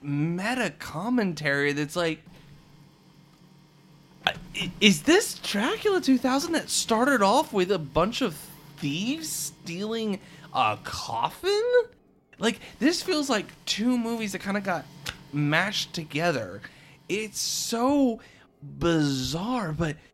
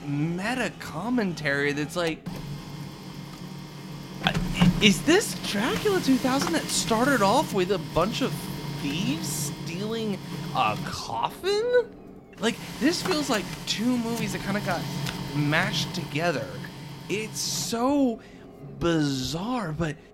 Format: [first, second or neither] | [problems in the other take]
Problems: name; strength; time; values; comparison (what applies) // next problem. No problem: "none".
first | household noises; loud; throughout; 7 dB below the speech; faint in the first